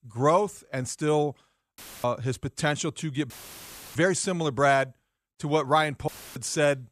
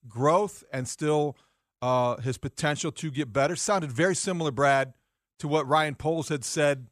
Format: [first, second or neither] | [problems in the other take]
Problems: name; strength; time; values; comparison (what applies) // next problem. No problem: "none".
second | audio cutting out; filled with static; at 2 s, at 3.5 s for 0.5 s and at 6 s